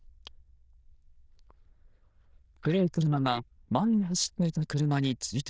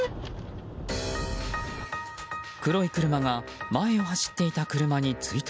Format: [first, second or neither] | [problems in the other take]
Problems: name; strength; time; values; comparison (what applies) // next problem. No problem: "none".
second | noise reduction (neural diffusion model UNIVERSE++)